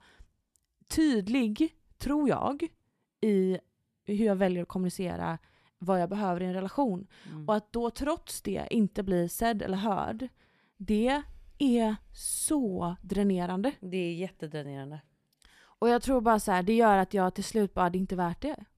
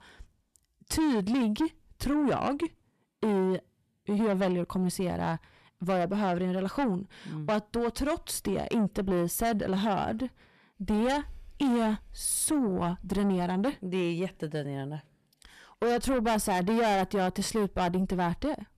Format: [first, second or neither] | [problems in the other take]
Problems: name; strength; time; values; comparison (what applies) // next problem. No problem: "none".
first | distortion; heavy; 8 dB below the speech